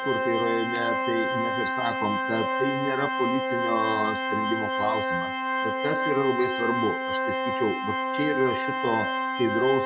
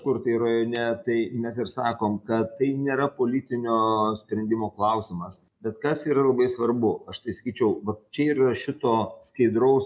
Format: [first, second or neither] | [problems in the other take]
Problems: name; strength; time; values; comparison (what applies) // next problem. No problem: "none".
second | background sound (Organ); 1 dB above the speech